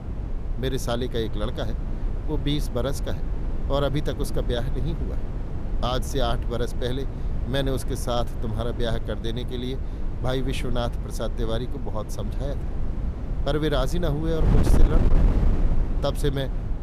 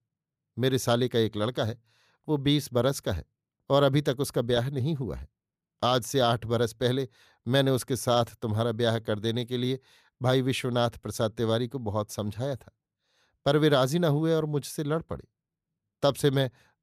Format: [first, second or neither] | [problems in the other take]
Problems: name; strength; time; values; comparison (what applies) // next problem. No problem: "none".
second | wind noise on the microphone; heavy; 9 dB below the speech